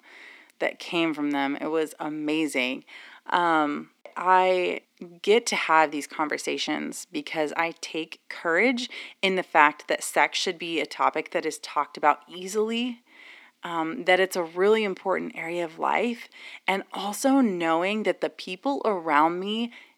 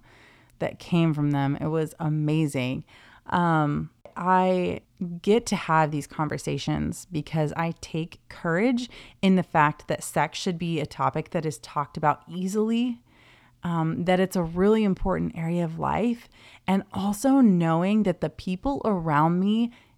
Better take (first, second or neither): second